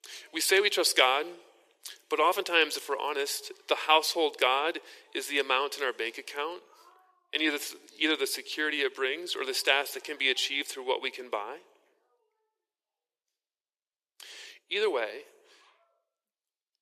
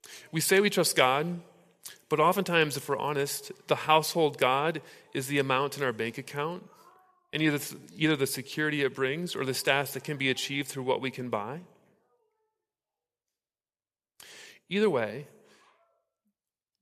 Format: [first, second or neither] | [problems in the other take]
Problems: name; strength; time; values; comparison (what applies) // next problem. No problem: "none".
second | thin; somewhat; fading below 350 Hz